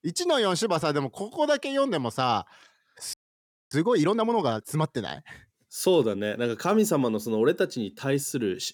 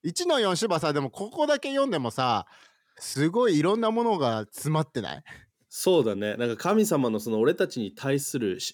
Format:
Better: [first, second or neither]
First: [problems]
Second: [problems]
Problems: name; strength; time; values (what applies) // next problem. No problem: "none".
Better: second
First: audio freezing; at 3 s for 0.5 s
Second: none